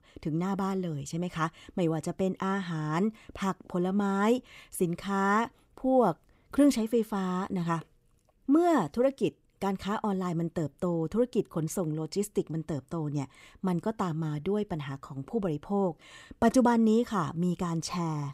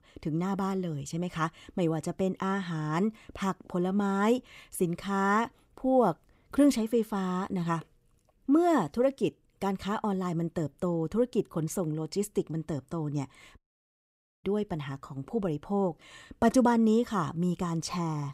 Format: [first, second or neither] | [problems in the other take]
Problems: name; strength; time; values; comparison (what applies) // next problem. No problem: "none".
first | audio cutting out; at 14 s for 1 s